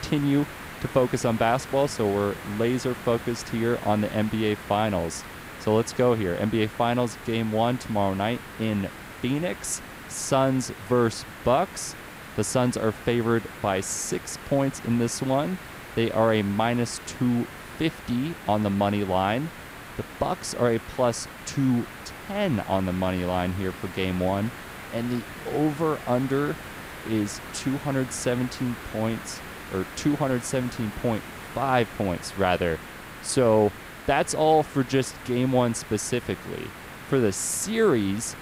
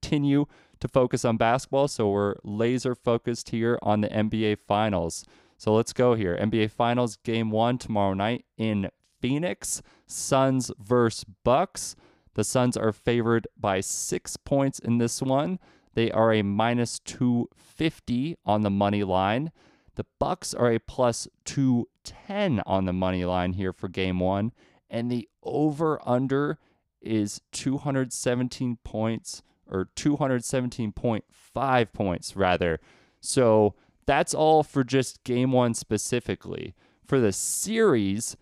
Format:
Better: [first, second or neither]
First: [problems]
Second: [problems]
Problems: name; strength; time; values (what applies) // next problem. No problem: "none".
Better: second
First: hiss; noticeable; throughout; 15 dB below the speech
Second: none